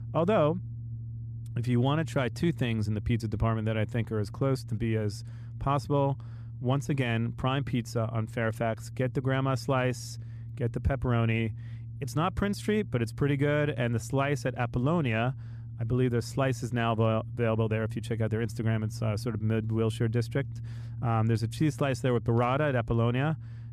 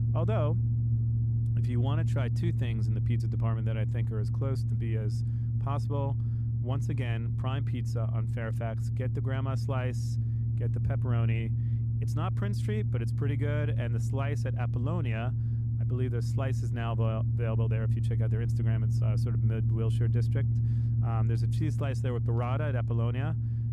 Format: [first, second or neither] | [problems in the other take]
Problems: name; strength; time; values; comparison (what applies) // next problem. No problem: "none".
first | low rumble; loud; throughout; 3 dB below the speech; faint in the first